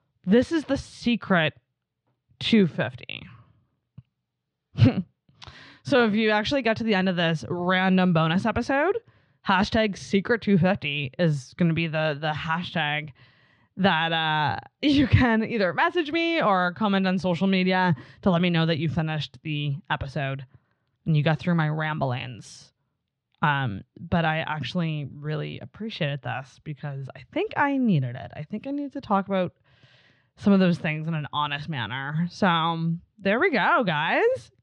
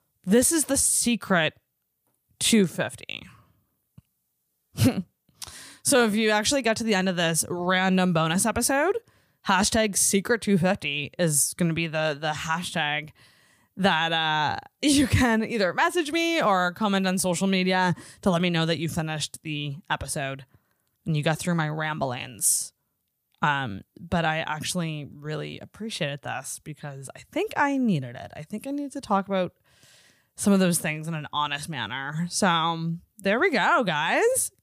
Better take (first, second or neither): second